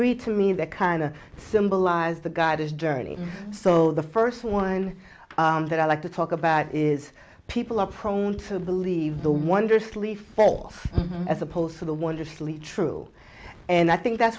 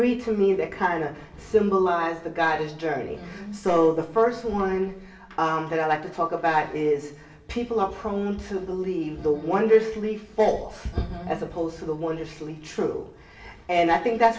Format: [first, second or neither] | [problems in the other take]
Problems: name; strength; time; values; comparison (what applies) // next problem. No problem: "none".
first | room echo; dies away in 0.9 s